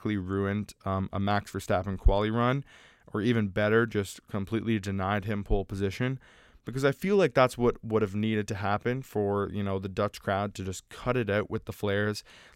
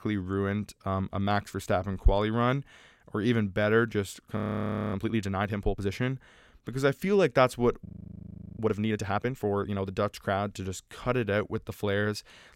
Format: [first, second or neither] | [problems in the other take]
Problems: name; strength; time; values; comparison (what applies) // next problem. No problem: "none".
first | audio freezing; at 4.5 s for 0.5 s and at 8 s for 0.5 s